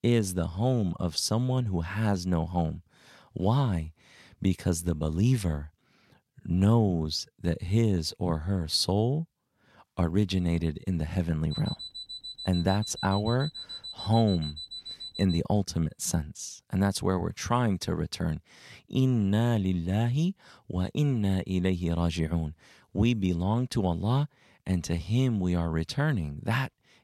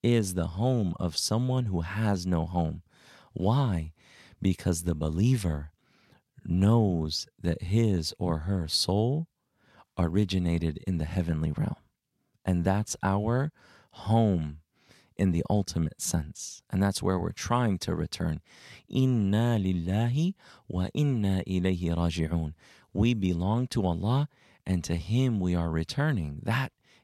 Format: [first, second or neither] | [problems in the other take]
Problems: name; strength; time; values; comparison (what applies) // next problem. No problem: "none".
second | alarm; noticeable; from 12 to 15 s; peak 9 dB below the speech